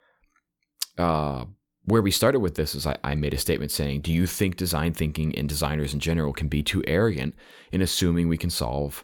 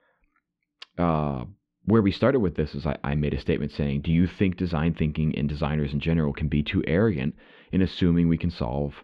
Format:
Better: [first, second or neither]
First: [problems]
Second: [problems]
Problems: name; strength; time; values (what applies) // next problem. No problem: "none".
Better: first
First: none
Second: muffled; slightly; fading above 3 kHz